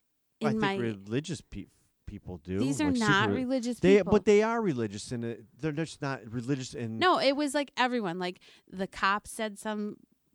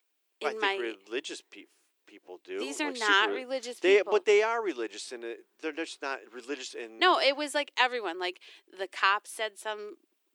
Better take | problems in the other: first | thin; very; fading below 350 Hz

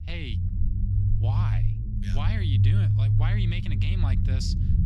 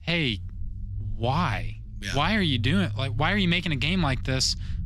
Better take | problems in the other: second | low rumble; loud; throughout; 1 dB below the speech; faint in the second

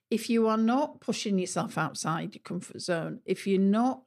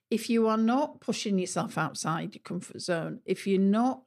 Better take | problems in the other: neither | none

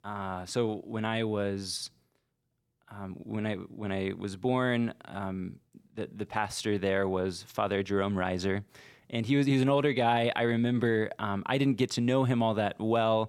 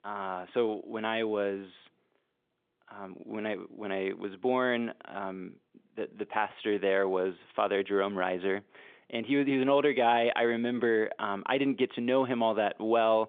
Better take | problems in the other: first | phone-call audio; nothing above 3.5 kHz

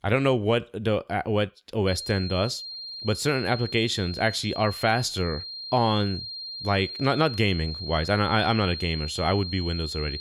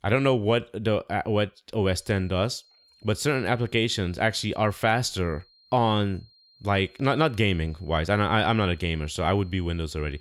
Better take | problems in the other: second | high-pitched whine; loud; from 2 s on; 4 kHz, 8 dB below the speech; faint in the second

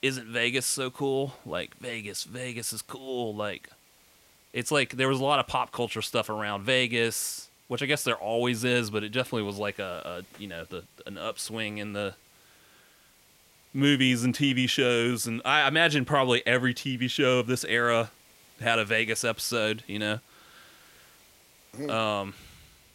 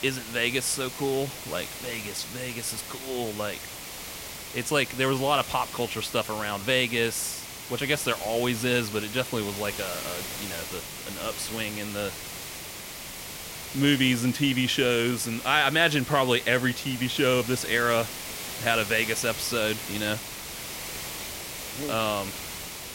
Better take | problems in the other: first | hiss; loud; throughout; 9 dB below the speech; faint in the first

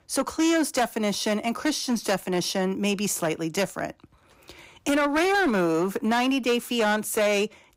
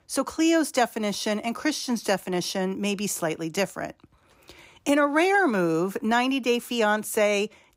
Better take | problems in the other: second | distortion; slight; 11% of the sound clipped

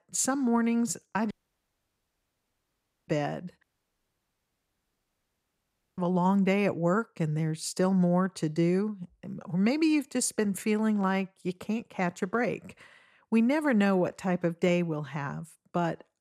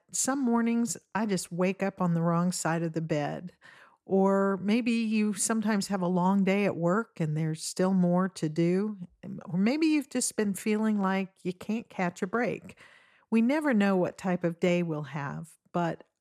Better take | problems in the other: second | audio cutting out; at 1.5 s for 2 s and at 3.5 s for 2.5 s

